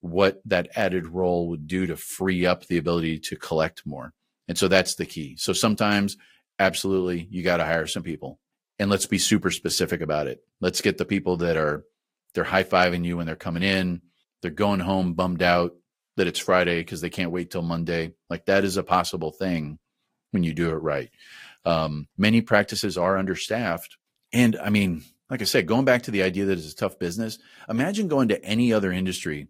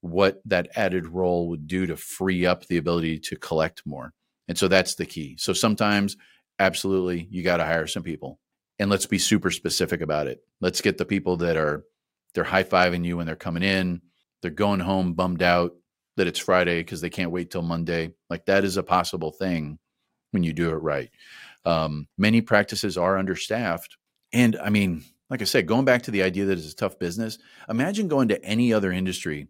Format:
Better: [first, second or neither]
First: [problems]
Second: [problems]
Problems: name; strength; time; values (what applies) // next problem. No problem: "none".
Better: second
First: garbled, watery; slightly; nothing above 16 kHz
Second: none